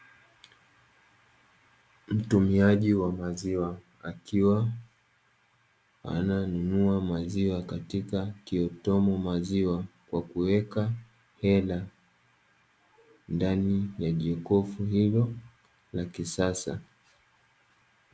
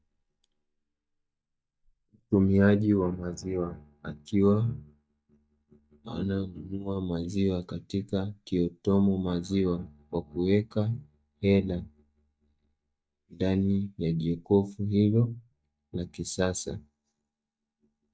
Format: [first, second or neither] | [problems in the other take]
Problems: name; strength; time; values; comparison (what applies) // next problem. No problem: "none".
first | noise reduction (neural mask model DeepFilterNet 3)